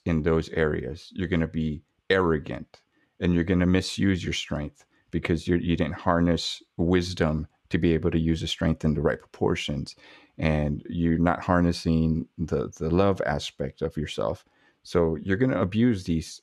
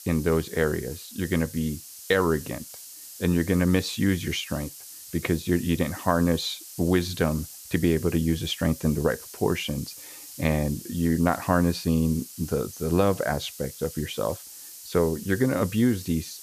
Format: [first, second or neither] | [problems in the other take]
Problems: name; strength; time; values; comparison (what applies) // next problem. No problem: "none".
first | hiss; noticeable; throughout; 15 dB below the speech